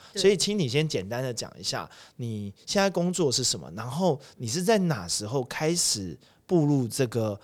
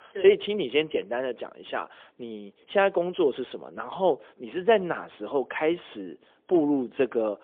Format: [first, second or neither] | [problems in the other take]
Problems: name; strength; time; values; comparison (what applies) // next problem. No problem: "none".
first | phone-call audio; poor line; nothing above 3.5 kHz